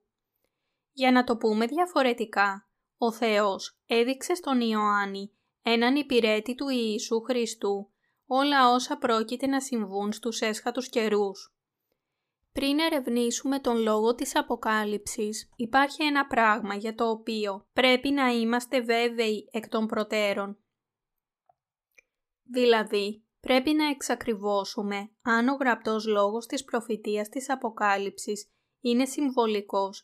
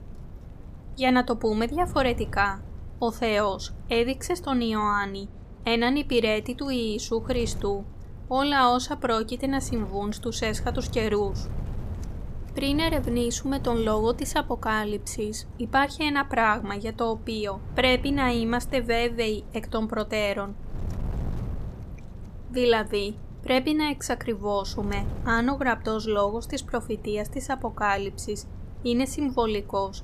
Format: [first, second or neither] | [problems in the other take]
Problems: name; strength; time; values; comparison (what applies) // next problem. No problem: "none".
first | wind noise on the microphone; occasional gusts; 25 dB below the speech